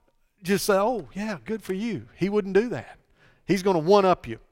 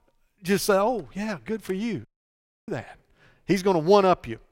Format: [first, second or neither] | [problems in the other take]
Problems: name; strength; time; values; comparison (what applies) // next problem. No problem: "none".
first | audio cutting out; at 2 s for 0.5 s